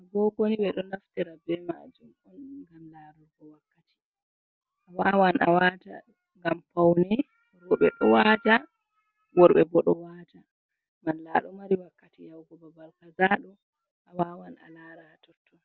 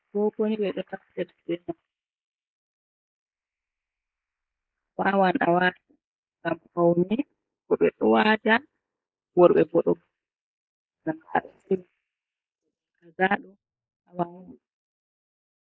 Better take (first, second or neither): first